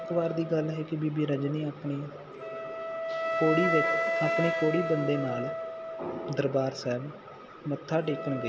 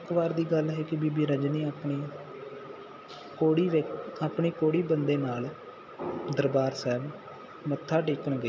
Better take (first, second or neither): second